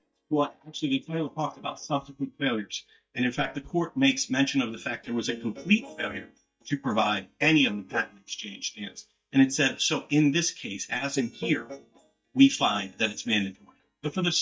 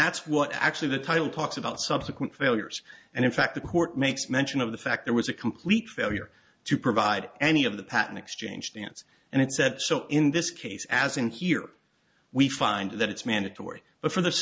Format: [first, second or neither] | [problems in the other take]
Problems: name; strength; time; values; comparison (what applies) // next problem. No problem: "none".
second | noise reduction (neural mask model DeepFilterNet 3)